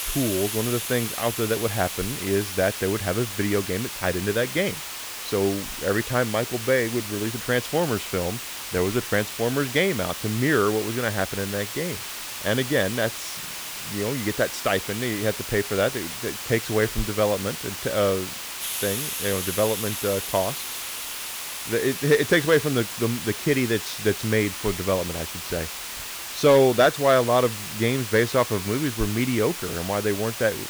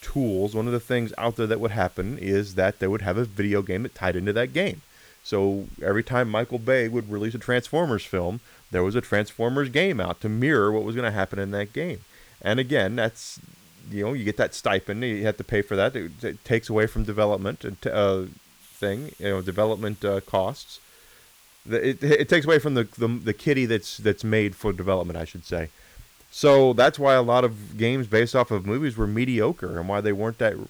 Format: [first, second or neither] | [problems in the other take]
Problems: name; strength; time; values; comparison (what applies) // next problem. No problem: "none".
second | hiss; loud; throughout; 6 dB below the speech; faint in the second